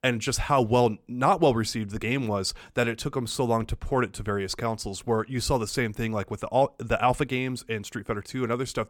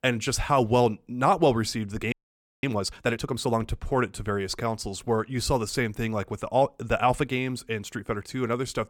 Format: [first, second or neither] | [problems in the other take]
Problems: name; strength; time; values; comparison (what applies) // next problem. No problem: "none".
first | audio freezing; at 2 s for 0.5 s